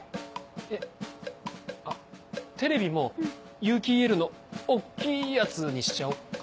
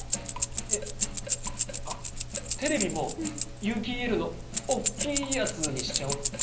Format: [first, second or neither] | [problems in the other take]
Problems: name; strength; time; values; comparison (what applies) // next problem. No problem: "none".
first | background sound (Keys jangling); 1 dB above the speech // room echo; dies away in 0.5 s